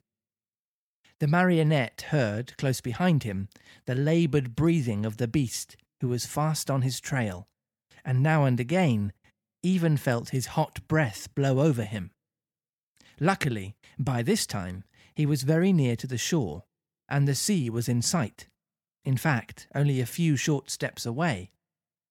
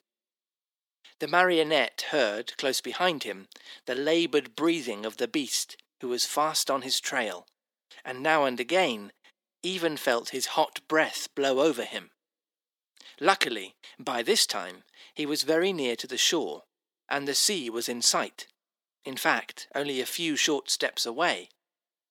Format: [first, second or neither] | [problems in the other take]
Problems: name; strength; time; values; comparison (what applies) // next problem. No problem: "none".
first | thin; very; fading below 300 Hz